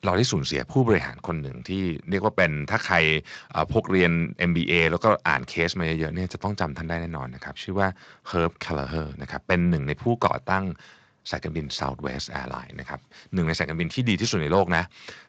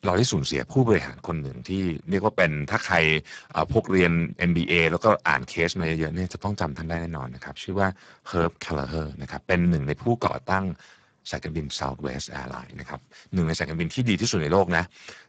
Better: first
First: garbled, watery; slightly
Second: garbled, watery; badly; nothing above 7.5 kHz

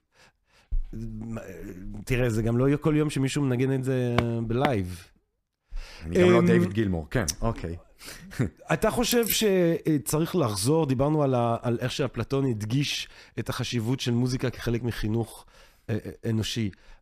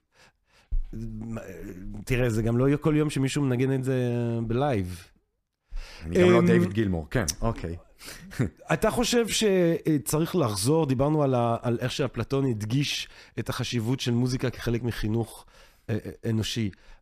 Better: second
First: footsteps; noticeable; at 4 s; peak 5 dB below the speech // jangling keys; noticeable; at 9 s; peak 4 dB below the speech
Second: none

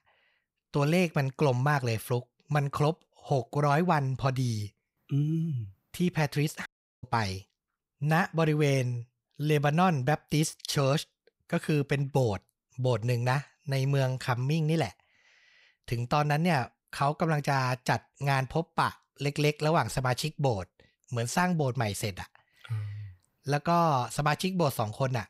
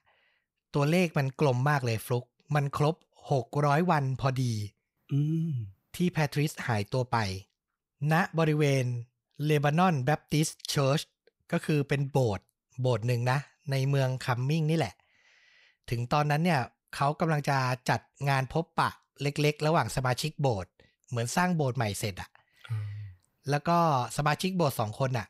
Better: second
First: audio cutting out; at 6.5 s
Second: none

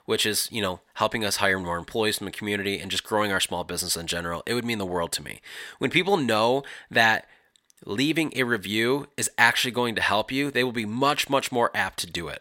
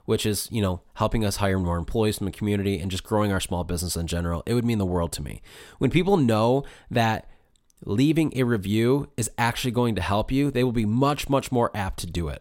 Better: second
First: thin; somewhat; fading below 550 Hz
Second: none

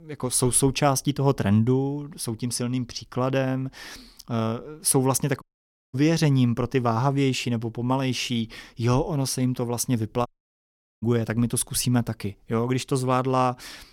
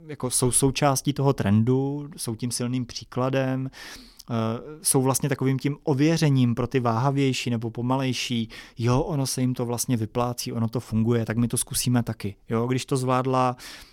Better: second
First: audio cutting out; at 5.5 s for 0.5 s and at 10 s for 1 s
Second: none

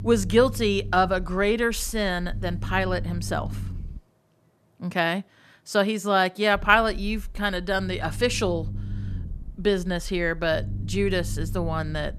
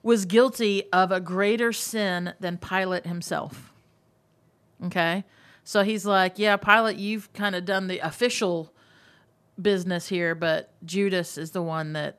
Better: second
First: low rumble; faint; until 4 s and from 6.5 s on; 25 dB below the speech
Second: none

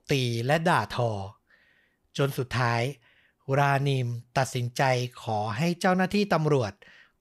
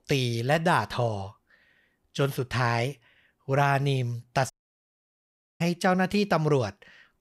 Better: first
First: none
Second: audio cutting out; at 4.5 s for 1 s

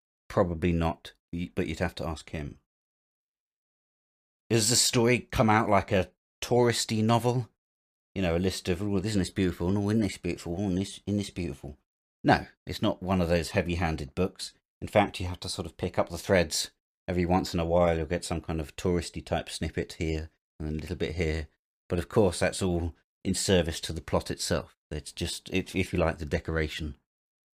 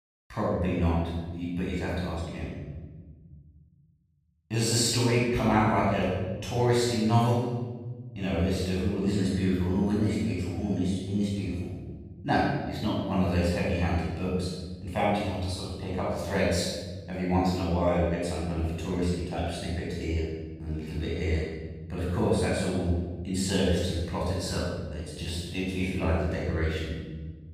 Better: first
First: none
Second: off-mic speech; far // room echo; strong; dies away in 1.7 s

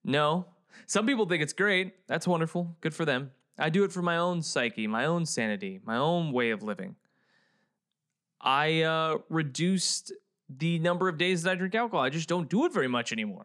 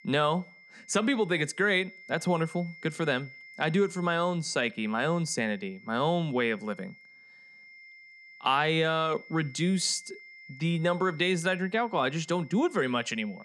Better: first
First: none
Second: high-pitched whine; faint; throughout; 2 kHz, 20 dB below the speech

